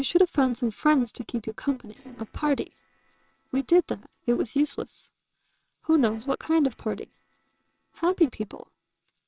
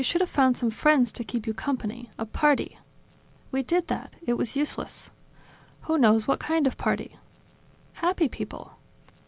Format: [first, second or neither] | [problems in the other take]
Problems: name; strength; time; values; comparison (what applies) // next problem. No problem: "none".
second | noise reduction (neural separator model SepFormer WHAMR!)